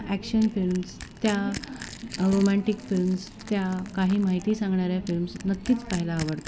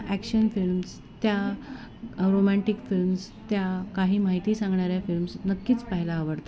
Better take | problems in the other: second | background sound (Crushing); 17 dB below the speech

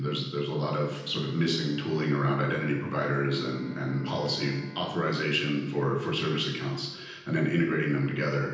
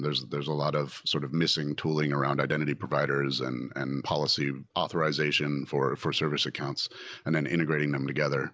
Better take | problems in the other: second | background sound (Bowed string instrument); 19 dB below the speech // room echo; dies away in 0.9 s

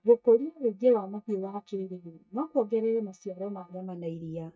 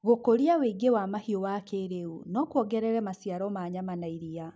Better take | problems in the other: second | noise reduction (neural mask model DeepFilterNet 3)

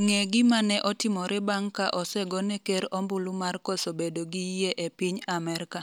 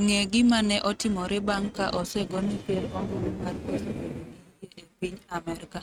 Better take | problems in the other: first | noise reduction (neural mask model RNNoise)

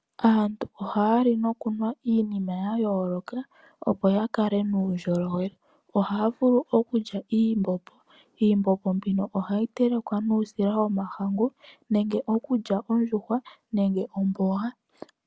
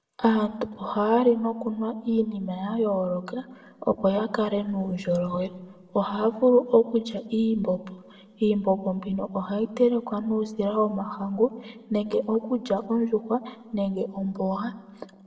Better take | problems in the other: first | room echo; dies away in 1.2 s

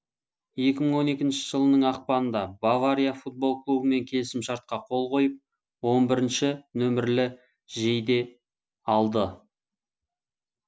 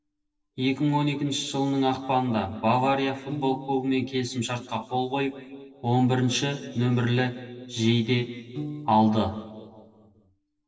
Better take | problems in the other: first | noise reduction (neural separator model SepFormer DNS4)

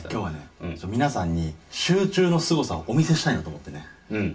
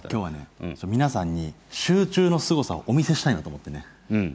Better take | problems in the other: second | room echo; dies away in 0.2 s

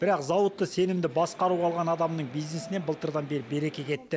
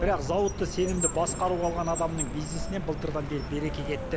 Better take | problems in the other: first | background sound (Car); 3 dB below the speech

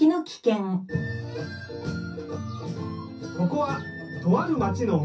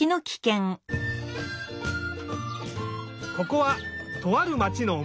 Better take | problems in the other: second | room echo; dies away in 0.3 s

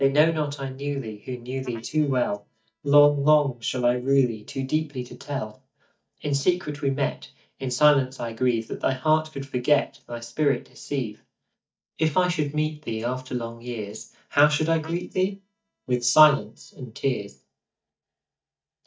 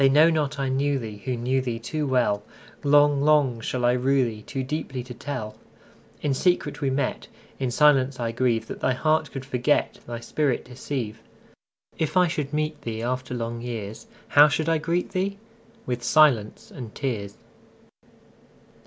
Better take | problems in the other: second | noise reduction (neural mask model DeepFilterNet 3)

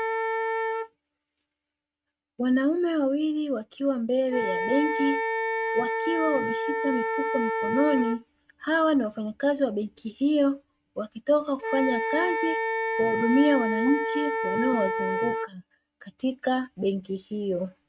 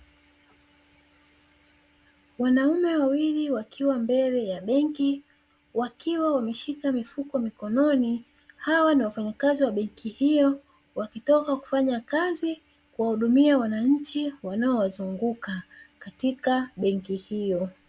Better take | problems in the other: second | noise reduction (neural mask model RNNoise)

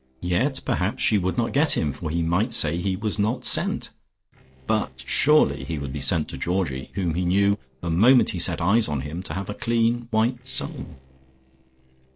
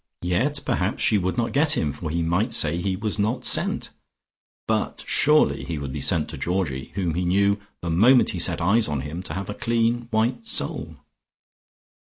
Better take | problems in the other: second | noise reduction (neural separator model SepFormer DNS4)

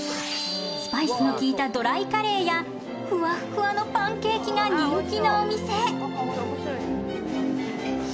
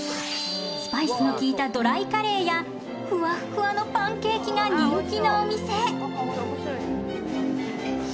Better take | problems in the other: first | background sound (Brass instrument); 6 dB below the speech

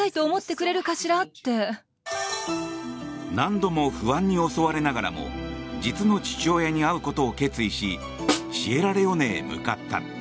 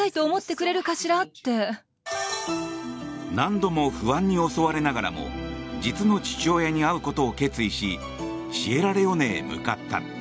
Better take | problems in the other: second | background sound (Snare drum); 4 dB below the speech

